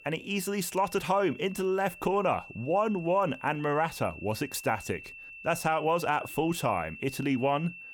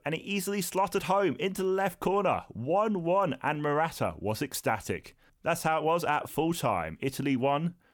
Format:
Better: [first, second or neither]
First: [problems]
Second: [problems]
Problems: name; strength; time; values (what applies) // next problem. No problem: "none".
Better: second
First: high-pitched whine; noticeable; throughout; 2.5 kHz, 15 dB below the speech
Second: none